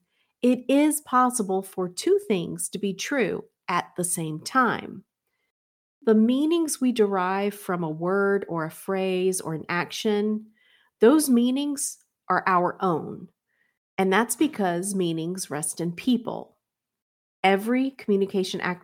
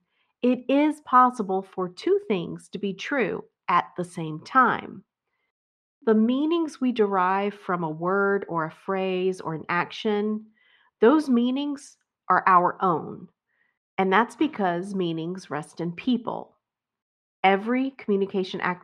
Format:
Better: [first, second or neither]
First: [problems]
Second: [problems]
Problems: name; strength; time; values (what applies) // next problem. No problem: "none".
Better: first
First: none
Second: muffled; slightly; fading above 3 kHz